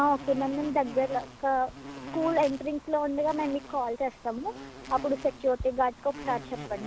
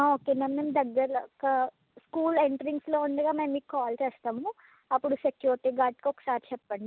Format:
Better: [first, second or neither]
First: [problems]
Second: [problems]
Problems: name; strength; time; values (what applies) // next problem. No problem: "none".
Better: second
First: background sound (Insect); 13 dB below the speech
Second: none